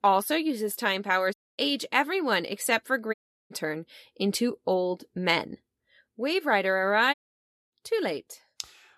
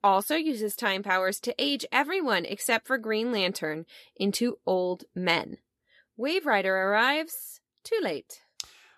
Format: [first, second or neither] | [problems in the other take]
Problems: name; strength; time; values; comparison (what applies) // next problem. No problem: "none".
second | audio cutting out; at 1.5 s, at 3 s and at 7 s for 0.5 s